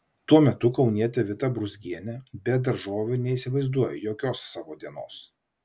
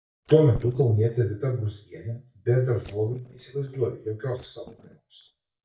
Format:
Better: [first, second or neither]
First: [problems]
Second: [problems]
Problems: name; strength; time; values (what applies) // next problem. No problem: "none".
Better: first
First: none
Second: noise reduction (neural mask model DeepFilterNet 3)